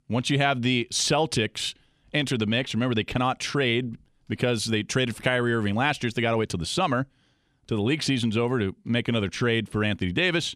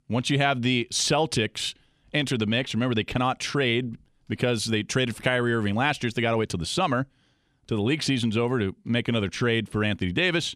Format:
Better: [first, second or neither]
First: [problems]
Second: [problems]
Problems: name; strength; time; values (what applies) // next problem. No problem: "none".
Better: neither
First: none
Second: none